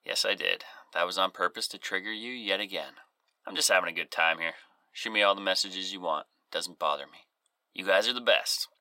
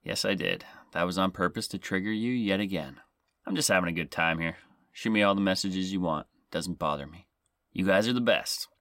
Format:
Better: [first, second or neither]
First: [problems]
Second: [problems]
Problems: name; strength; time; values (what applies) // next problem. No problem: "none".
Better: second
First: thin; very; fading below 650 Hz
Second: none